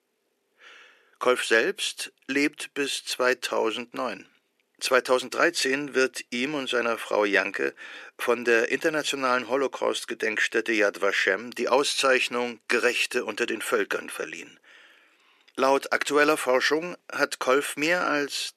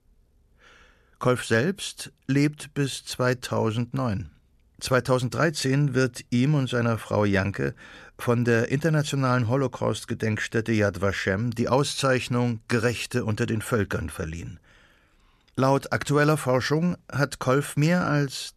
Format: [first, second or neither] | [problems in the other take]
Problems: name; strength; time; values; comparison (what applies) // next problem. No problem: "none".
second | thin; somewhat; fading below 350 Hz